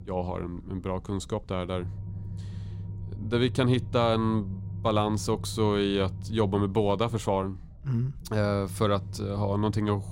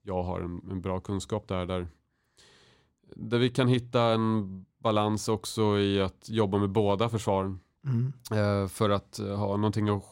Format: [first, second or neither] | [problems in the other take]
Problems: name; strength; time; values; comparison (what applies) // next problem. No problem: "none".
second | low rumble; faint; throughout; 20 dB below the speech